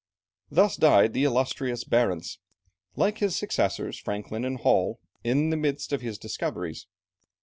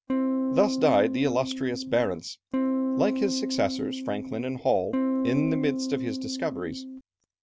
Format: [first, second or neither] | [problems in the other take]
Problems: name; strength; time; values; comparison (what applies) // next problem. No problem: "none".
first | background sound (Electric guitar / Strum); 1 dB below the speech